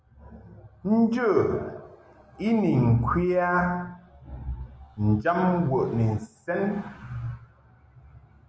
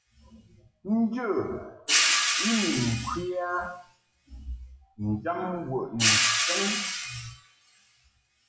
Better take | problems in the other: first | noise reduction (classical method WPE with log-MMSE)

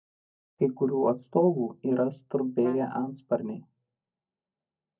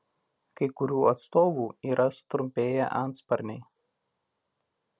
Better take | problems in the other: second | noise reduction (neural mask model DeepFilterNet 3)

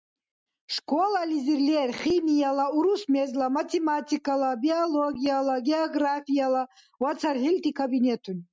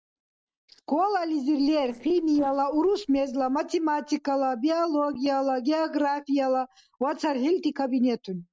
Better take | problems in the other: first | noise reduction (neural separator model SepFormer DNS4)

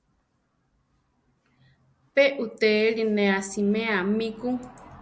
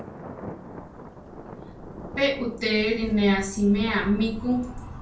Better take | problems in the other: first | background sound (Thunder); 12 dB below the speech // room echo; dies away in 0.3 s

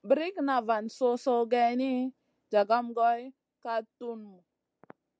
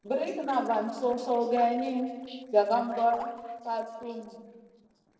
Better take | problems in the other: first | noise reduction (neural separator model SepFormer DNS4)

